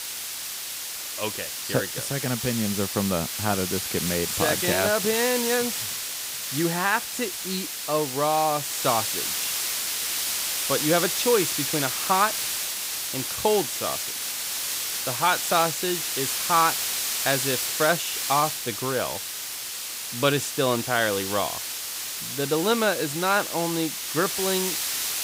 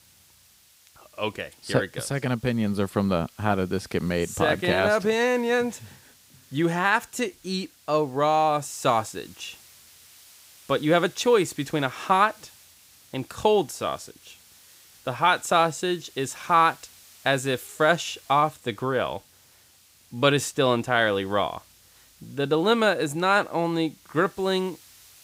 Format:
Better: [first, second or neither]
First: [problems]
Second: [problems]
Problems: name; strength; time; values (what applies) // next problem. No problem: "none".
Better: second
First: hiss; loud; throughout; 1 dB below the speech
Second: hiss; faint; throughout; 25 dB below the speech